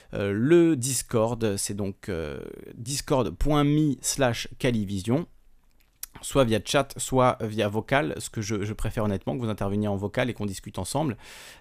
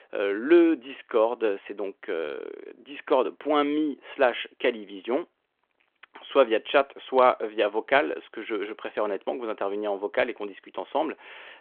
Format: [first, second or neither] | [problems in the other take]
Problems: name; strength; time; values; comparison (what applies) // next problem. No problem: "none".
first | phone-call audio